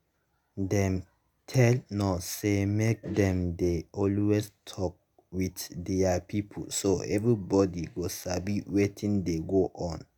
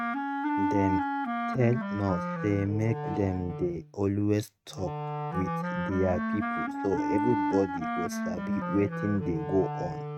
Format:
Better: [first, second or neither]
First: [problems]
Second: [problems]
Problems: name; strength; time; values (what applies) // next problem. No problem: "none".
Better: first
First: none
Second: noise reduction (neural mask model RNNoise)